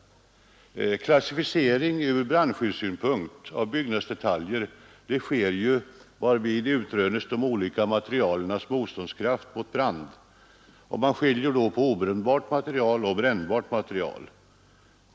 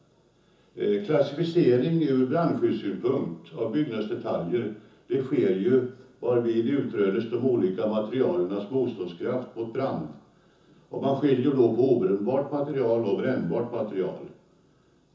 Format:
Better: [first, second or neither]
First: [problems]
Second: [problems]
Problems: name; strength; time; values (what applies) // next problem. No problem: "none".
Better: first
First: none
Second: room echo; dies away in 0.6 s